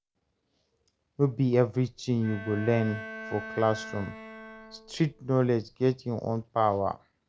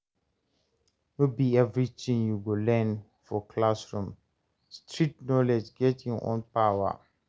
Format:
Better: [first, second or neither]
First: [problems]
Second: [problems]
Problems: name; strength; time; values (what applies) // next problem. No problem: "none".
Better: second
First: background sound (Bowed string instrument); 13 dB below the speech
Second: none